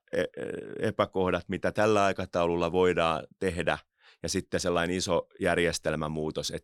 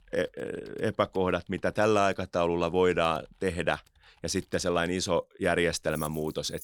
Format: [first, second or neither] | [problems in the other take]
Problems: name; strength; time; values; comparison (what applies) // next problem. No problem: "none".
first | household noises; faint; throughout; 20 dB below the speech